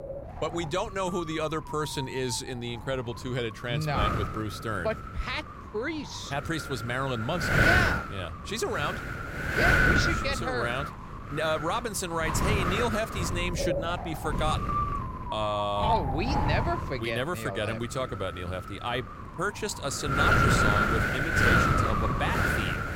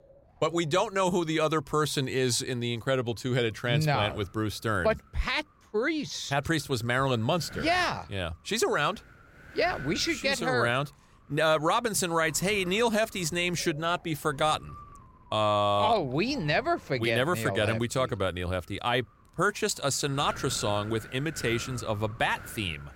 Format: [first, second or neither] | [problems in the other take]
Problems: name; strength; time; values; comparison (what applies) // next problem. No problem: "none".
second | wind noise on the microphone; heavy; 4 dB above the speech; occasional gusts in the second